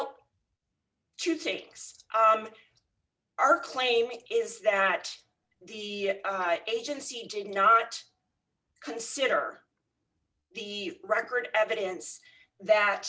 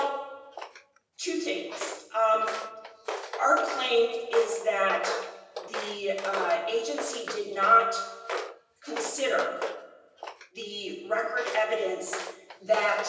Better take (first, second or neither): first